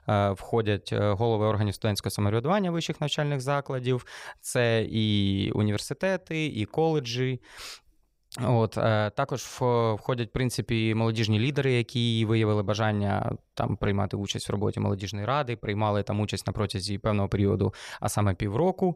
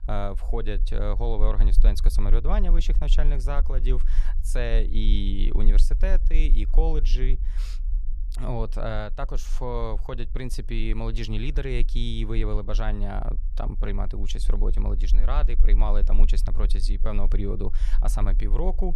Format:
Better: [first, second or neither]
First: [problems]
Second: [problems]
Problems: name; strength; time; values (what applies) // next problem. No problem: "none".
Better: first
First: none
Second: low rumble; noticeable; throughout; 15 dB below the speech